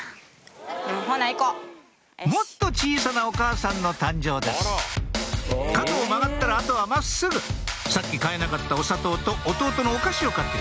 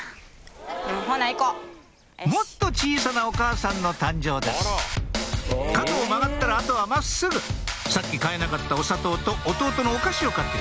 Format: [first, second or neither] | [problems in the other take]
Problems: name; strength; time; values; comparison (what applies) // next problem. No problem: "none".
first | background sound (Bird vocalization, bird call, bird song); 20 dB below the speech